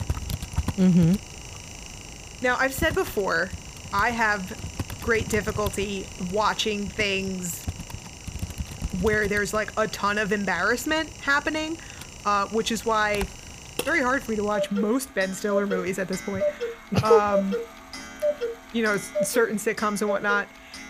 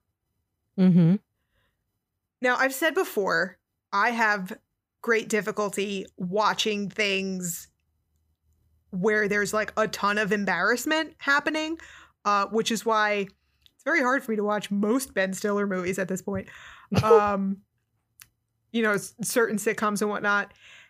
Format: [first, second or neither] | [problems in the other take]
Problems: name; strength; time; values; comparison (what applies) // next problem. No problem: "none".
second | household noises; loud; throughout; 9 dB below the speech